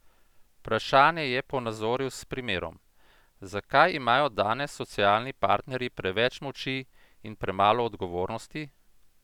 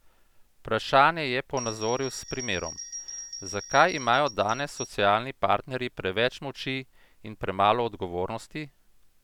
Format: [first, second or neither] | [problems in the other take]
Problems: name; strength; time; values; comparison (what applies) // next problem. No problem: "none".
first | background sound (Bell); 13 dB below the speech